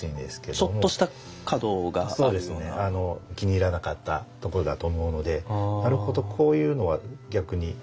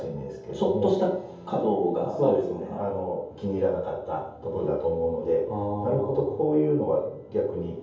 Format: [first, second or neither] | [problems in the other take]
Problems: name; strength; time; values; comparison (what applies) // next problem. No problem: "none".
first | room echo; dies away in 0.7 s